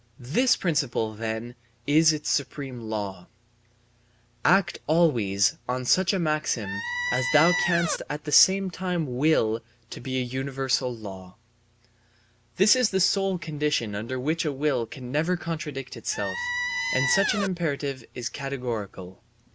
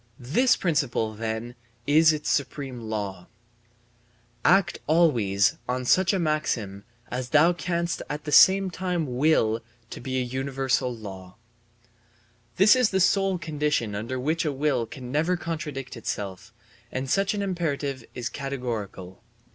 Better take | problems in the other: second | background sound (Squeak); 1 dB below the speech

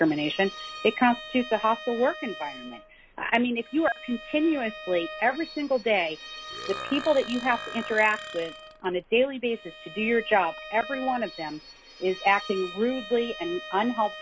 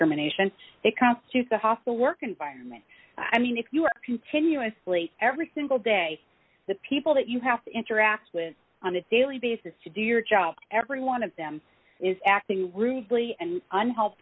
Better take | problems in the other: second | background sound (Burping, eructation + Bowed string instrument); 14 dB below the speech

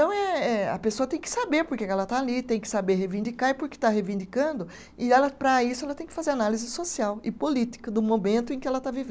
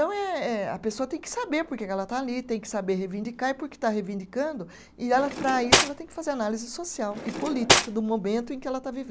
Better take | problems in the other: first | background sound (Cutlery, silverware); 3 dB above the speech

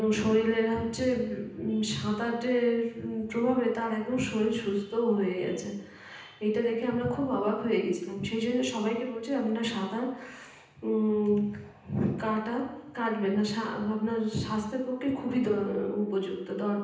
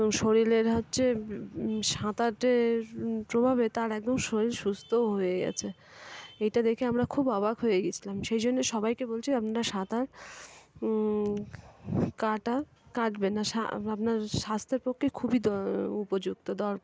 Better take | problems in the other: second | room echo; dies away in 0.9 s

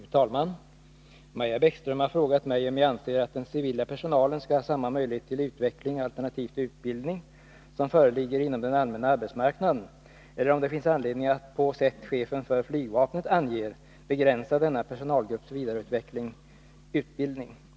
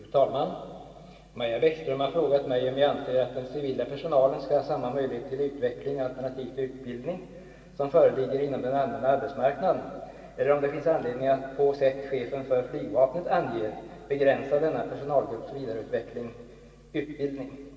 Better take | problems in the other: first | room echo; dies away in 2.5 s

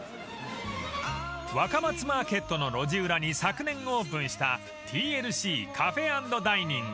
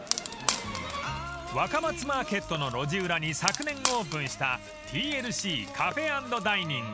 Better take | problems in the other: first | background sound (Wood); 7 dB below the speech

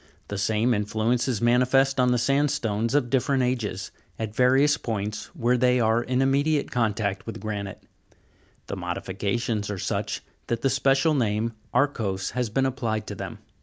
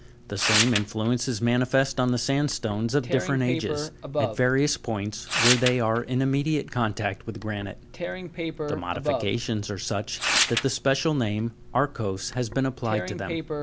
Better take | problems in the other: first | background sound (Tearing); 5 dB below the speech

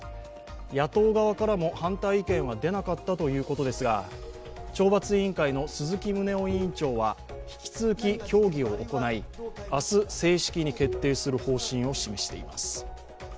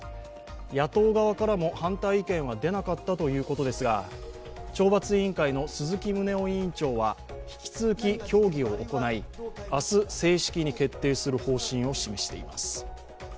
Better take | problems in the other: second | background sound (Bowed string instrument); 10 dB below the speech

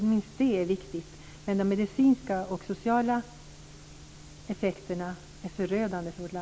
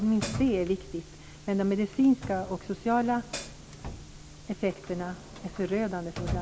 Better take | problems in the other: first | background sound (Hi-hat + Drawer open or close); 11 dB below the speech

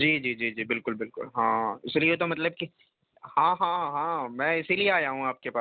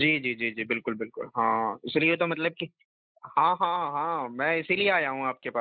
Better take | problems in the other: first | noise reduction (neural mask model Resemble Enhance denoiser)

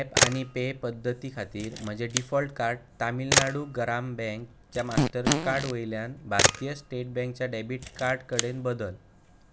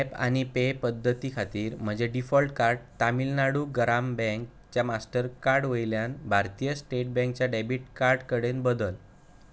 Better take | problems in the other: second | background sound (Fart + Camera); as loud as the speech

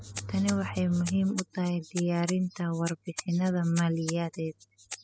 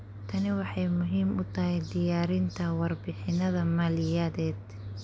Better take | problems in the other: second | noise reduction (classical method spectral subtraction)

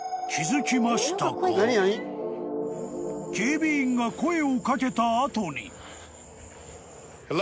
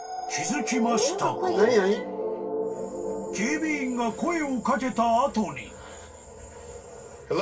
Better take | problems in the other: first | room echo; dies away in 0.2 s

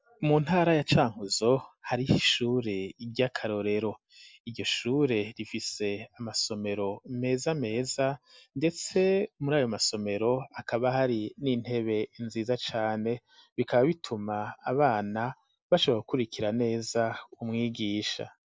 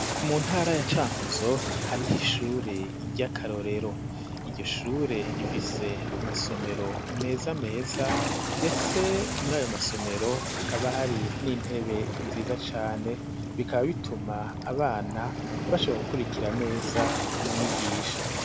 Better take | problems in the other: first | background sound (Waves, surf + Toilet flush / Water); 1 dB below the speech

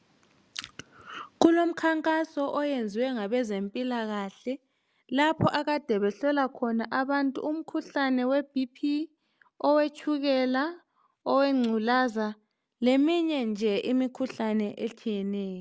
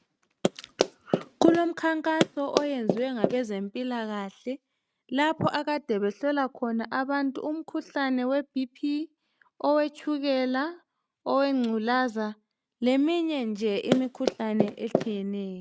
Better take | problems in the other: first | noise reduction (neural mask model RNNoise)

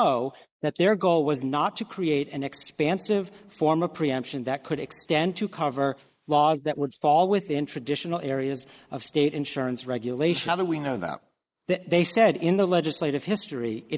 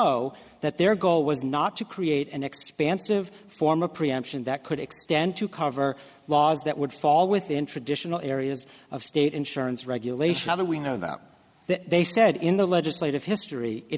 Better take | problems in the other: second | noise reduction (neural mask model Resemble Enhance denoiser)

